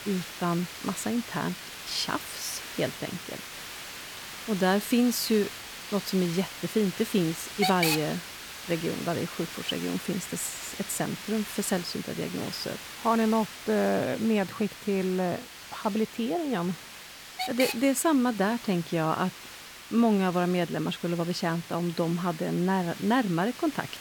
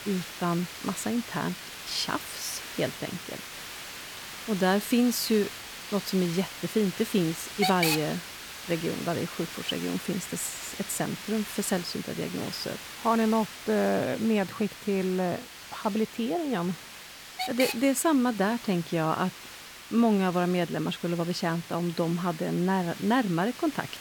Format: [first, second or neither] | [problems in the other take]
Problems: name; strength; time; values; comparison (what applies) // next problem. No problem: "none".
neither | hiss; loud; throughout; 9 dB below the speech; the same in both